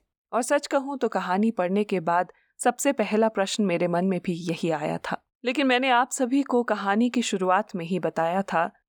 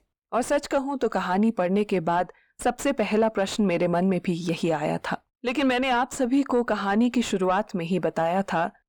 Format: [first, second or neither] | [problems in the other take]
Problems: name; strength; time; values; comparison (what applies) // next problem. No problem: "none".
first | distortion; slight; 10 dB below the speech